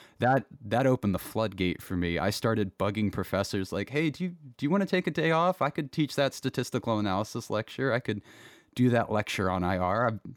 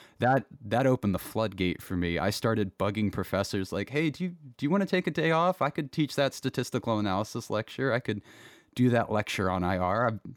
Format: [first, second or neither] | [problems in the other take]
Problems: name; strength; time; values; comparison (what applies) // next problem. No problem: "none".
neither | none